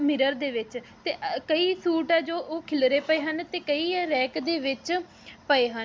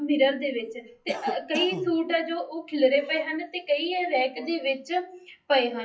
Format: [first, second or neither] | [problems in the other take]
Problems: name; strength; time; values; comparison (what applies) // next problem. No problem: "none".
first | noise reduction (classical method WPE with log-MMSE)